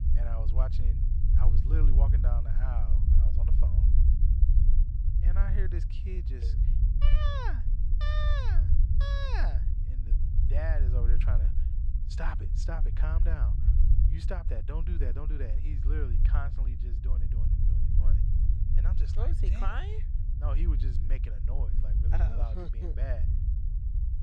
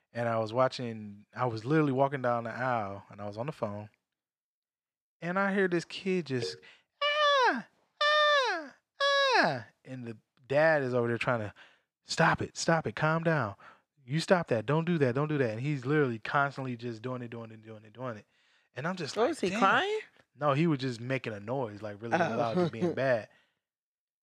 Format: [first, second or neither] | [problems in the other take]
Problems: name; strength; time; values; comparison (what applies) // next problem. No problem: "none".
second | low rumble; loud; throughout; 5 dB below the speech